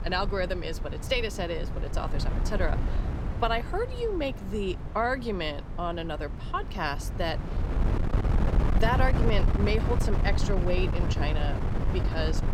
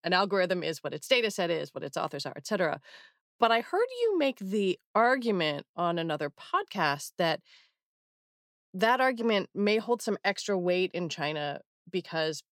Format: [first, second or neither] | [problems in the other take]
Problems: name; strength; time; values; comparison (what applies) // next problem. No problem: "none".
second | wind noise on the microphone; heavy; 8 dB below the speech